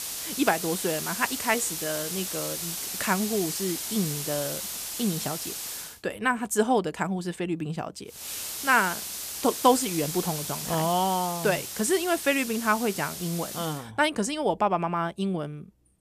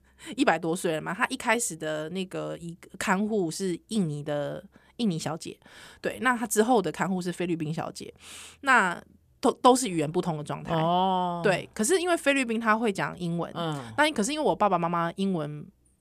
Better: second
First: hiss; loud; until 6 s and from 8 to 14 s; 5 dB below the speech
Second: none

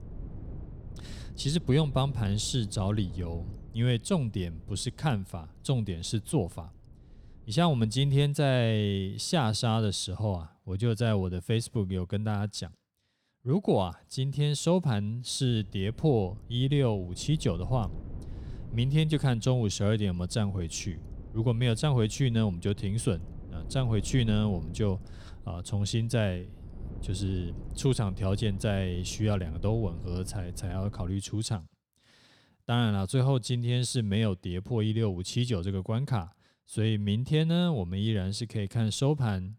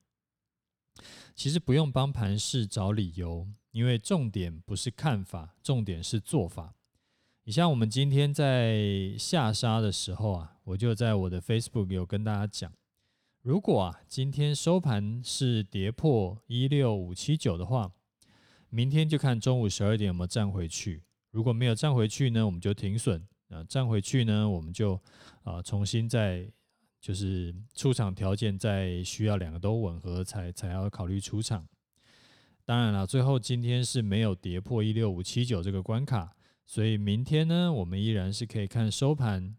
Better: second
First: wind noise on the microphone; occasional gusts; until 8 s and from 15 to 31 s; 20 dB below the speech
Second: none

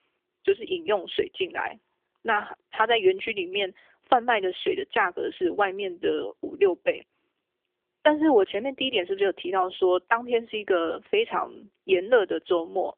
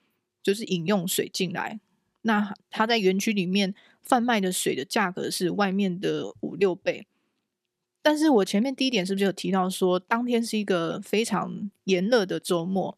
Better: second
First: phone-call audio; nothing above 3.5 kHz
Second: none

